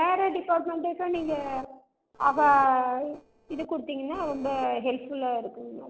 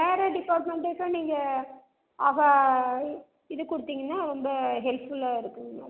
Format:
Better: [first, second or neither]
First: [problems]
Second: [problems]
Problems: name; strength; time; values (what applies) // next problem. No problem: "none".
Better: second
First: noise reduction (neural separator model SepFormer DNS4)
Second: none